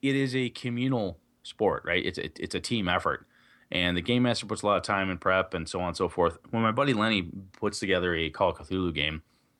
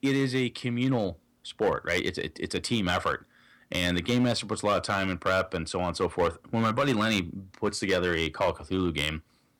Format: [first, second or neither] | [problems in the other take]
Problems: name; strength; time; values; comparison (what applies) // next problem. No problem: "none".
first | distortion; slight; 4% of the sound clipped